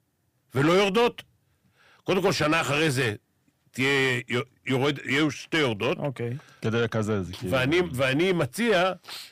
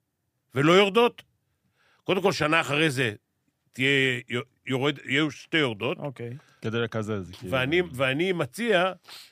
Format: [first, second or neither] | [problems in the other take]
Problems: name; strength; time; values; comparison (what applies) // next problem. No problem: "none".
second | distortion; heavy; 8 dB below the speech